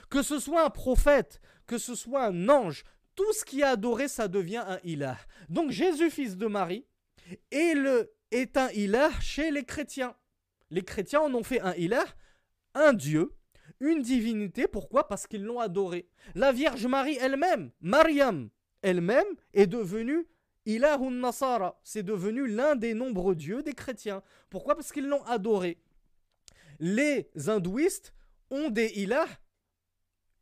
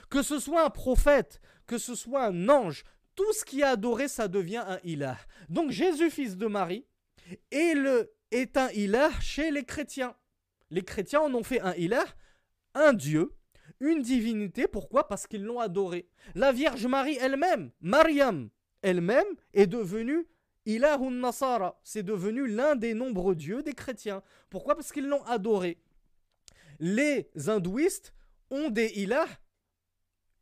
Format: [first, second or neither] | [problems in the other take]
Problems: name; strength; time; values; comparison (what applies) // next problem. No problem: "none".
neither | none